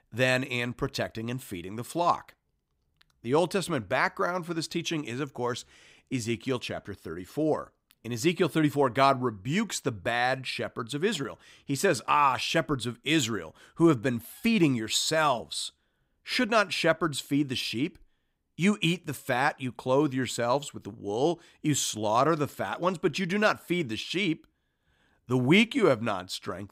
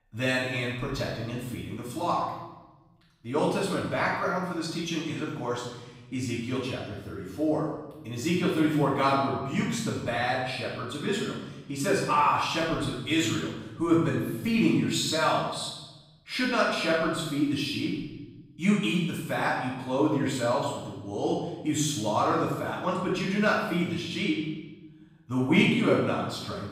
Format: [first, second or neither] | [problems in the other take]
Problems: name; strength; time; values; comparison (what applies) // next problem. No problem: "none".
first | off-mic speech; far // room echo; noticeable; dies away in 1 s